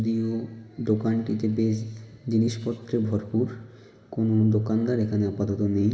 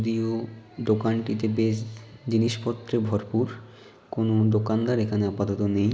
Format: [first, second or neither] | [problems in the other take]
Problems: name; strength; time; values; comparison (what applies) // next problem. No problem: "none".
second | room echo; dies away in 1.4 s